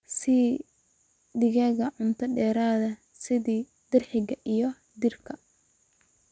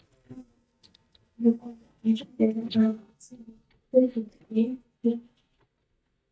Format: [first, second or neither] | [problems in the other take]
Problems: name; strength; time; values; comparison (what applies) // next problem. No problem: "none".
first | noise reduction (neural mask model DeepFilterNet 3)